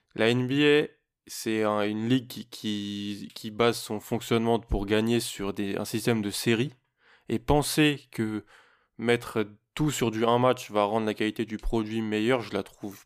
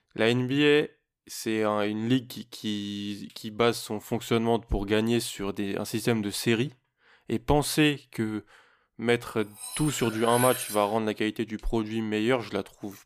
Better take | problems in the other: first | clattering dishes; noticeable; from 9.5 to 11 s; peak 2 dB below the speech

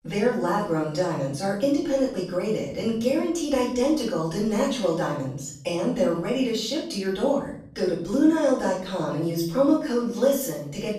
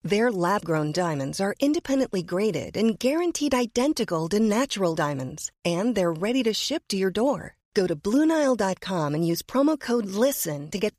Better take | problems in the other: second | off-mic speech; far // room echo; noticeable; dies away in 0.7 s

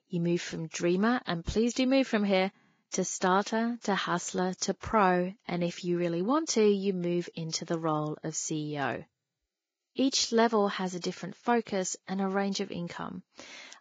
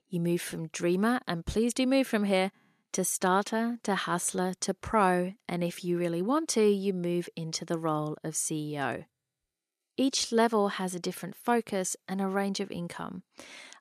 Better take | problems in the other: second | garbled, watery; badly; nothing above 7.5 kHz

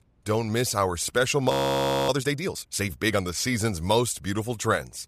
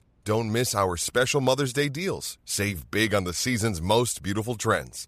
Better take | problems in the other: second | audio freezing; at 1.5 s for 0.5 s

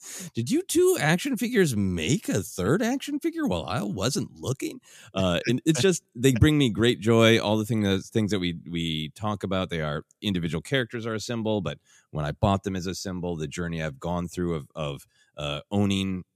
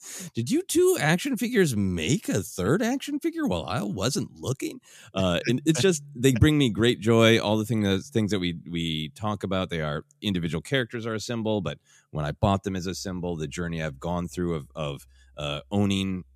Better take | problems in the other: first | background music; faint; from 5.5 s on; 25 dB below the speech

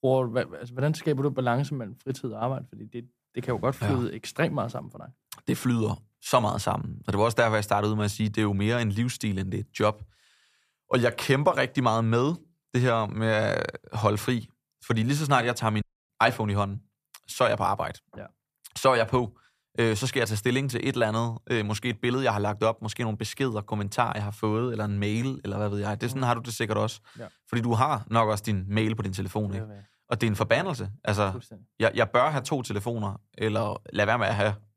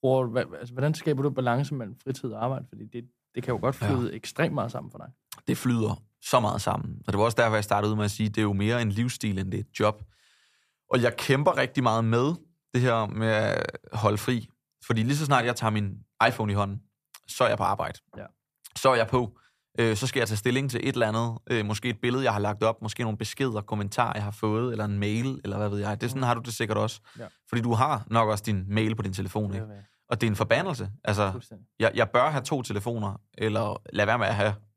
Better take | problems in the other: second | audio cutting out; at 16 s

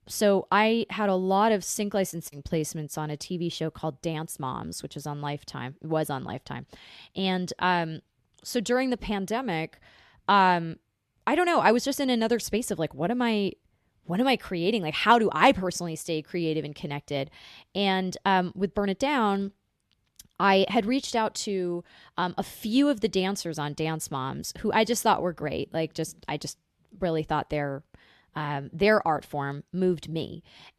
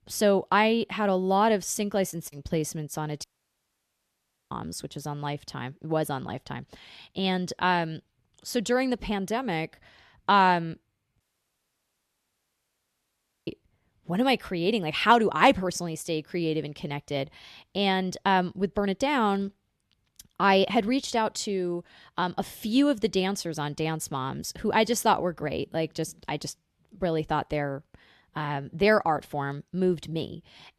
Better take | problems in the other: first | audio cutting out; at 3 s for 1.5 s and at 11 s for 2.5 s

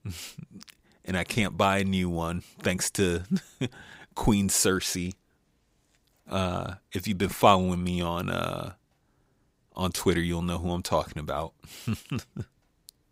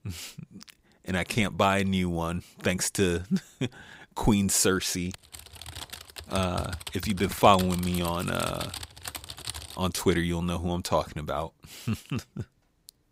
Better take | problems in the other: first | keyboard typing; noticeable; from 5 to 10 s; peak 8 dB below the speech

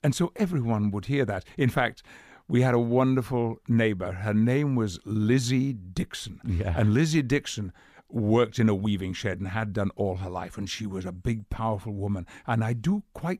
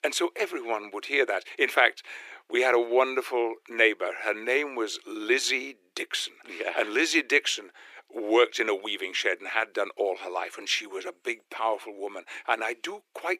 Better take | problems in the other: first | thin; very; fading below 350 Hz

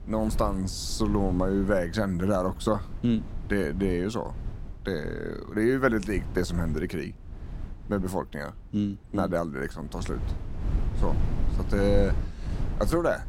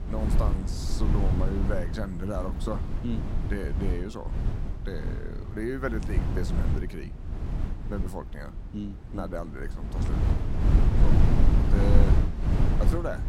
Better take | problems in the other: first | wind noise on the microphone; heavy; 1 dB below the speech; occasional gusts in the first

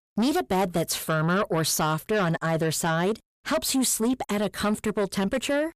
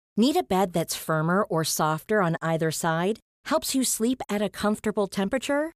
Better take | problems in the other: second | distortion; slight; 10 dB below the speech

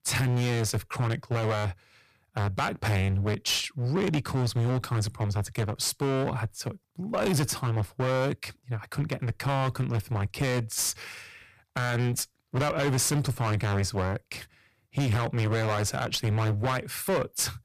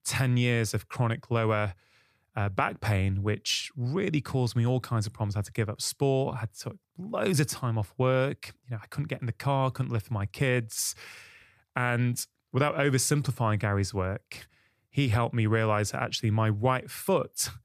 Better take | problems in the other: second | distortion; heavy; 19% of the sound clipped

